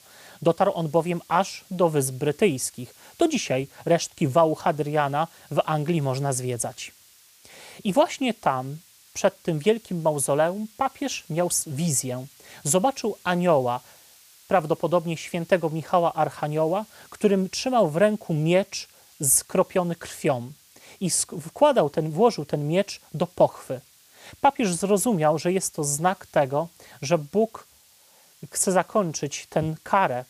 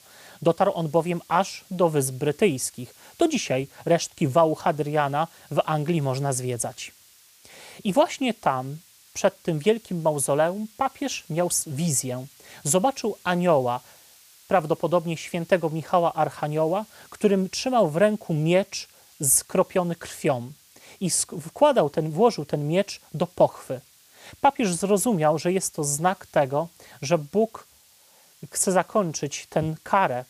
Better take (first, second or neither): neither